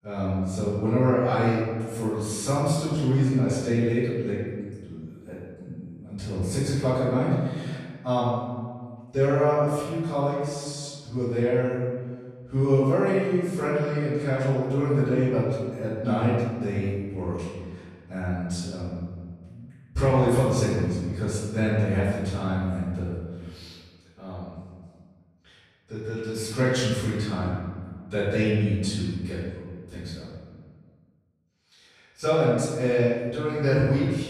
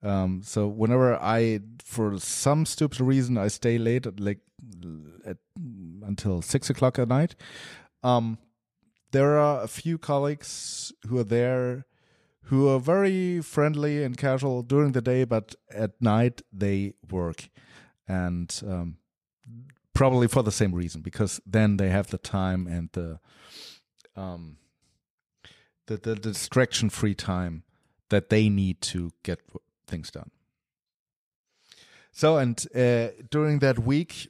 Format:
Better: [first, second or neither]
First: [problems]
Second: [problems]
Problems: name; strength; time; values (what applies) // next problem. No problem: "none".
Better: second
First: room echo; strong; dies away in 1.5 s // off-mic speech; far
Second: none